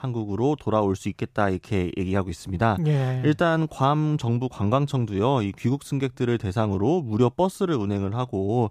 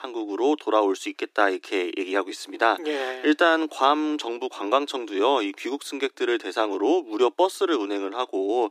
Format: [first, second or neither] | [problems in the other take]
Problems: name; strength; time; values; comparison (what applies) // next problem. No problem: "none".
first | thin; somewhat; fading below 300 Hz